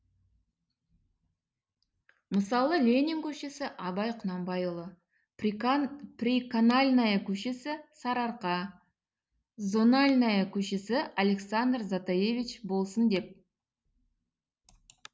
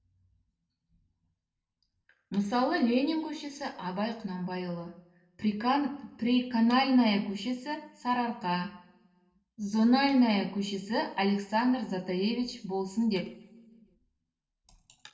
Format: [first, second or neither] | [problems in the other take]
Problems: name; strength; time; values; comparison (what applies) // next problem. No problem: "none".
first | room echo; dies away in 0.9 s